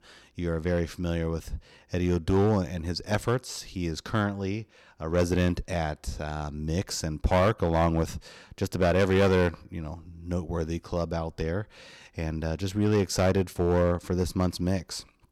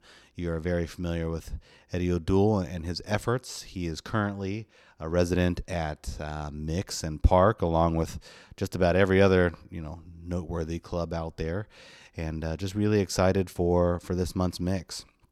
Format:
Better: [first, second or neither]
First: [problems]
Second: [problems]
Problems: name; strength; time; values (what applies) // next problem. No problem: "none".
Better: second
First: distortion; slight; 3% of the sound clipped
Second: none